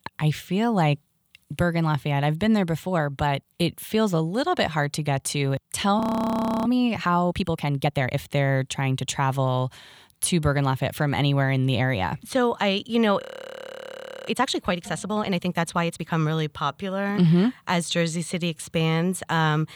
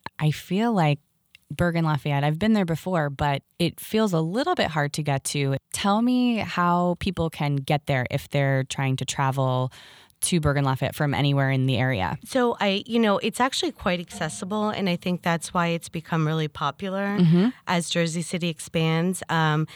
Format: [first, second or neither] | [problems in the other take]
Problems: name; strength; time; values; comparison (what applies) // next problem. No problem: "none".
second | audio freezing; at 6 s for 0.5 s and at 13 s for 1 s